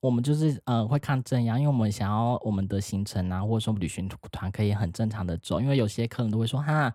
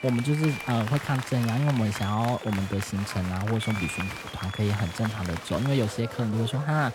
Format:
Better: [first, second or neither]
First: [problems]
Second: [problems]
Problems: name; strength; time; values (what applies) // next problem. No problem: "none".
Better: first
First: none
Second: crowd noise; loud; throughout; 8 dB below the speech